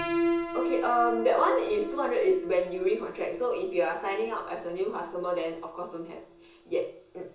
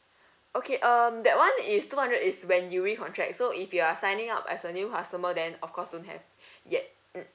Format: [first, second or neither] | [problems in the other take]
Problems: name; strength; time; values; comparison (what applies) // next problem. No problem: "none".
second | background sound (Piano); 6 dB below the speech // room echo; dies away in 0.7 s